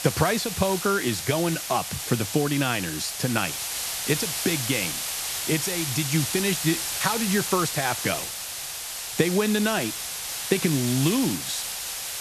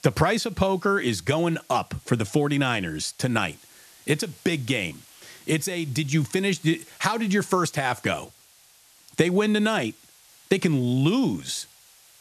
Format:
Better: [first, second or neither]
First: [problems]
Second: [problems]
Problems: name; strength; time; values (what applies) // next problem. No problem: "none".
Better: second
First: hiss; loud; throughout; 3 dB below the speech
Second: hiss; faint; throughout; 25 dB below the speech